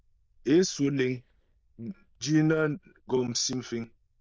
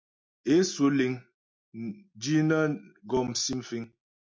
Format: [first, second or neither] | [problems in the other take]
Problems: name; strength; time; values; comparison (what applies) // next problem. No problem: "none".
second | noise reduction (neural diffusion model UNIVERSE++)